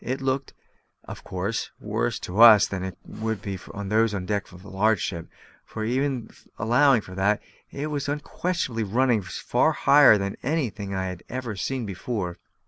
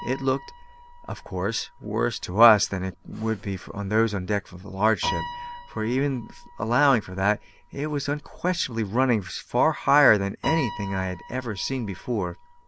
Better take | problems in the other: first | background sound (Piano); 15 dB below the speech

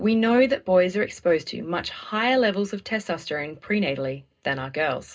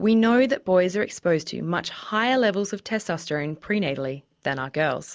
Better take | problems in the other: second | room echo; dies away in 0.2 s

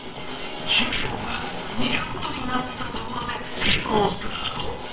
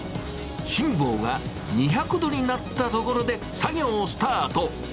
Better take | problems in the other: second | noise reduction (neural separator model SepFormer WHAMR!)

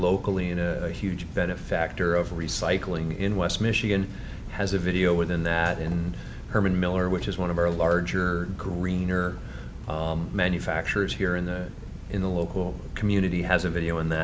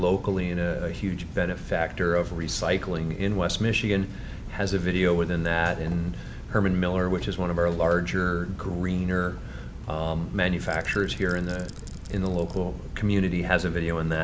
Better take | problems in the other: first | background sound (Rattle / Rattle (instrument)); 20 dB below the speech

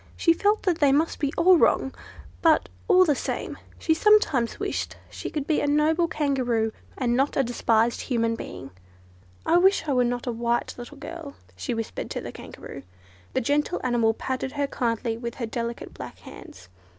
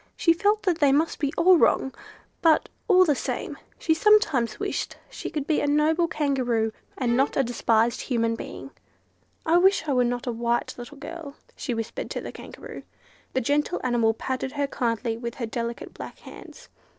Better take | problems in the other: first | noise reduction (neural separator model SepFormer DNS4)

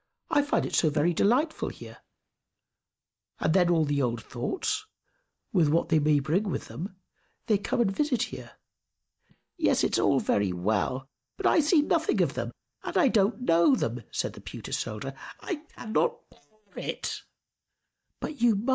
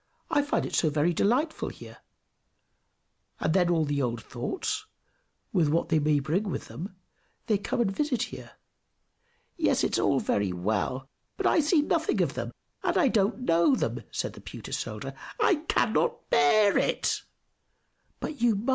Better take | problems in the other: second | noise reduction (neural mask model DeepFilterNet 3)

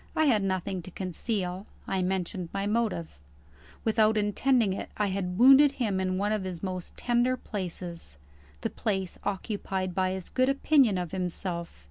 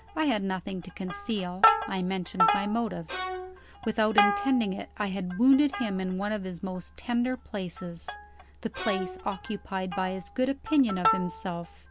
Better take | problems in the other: first | background sound (Plucked string instrument + Bowed string instrument); 3 dB below the speech

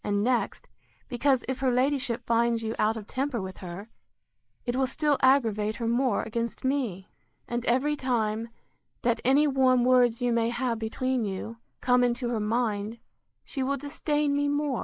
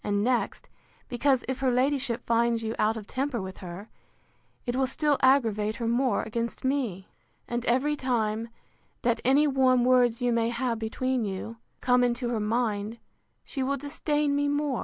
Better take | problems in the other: second | noise reduction (neural mask model Resemble Enhance denoiser)

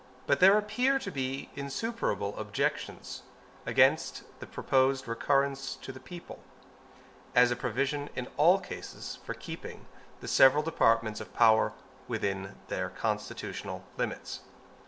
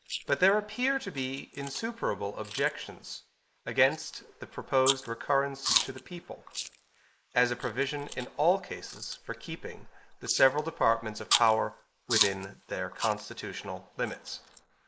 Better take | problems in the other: first | noise reduction (neural mask model Resemble Enhance denoiser)

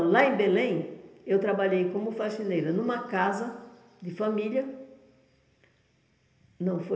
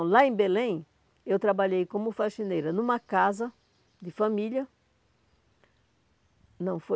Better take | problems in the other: second | room echo; dies away in 0.8 s

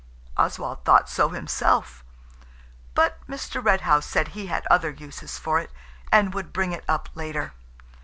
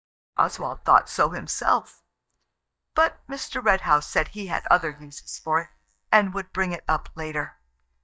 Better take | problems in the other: first | noise reduction (neural mask model DeepFilterNet 3)

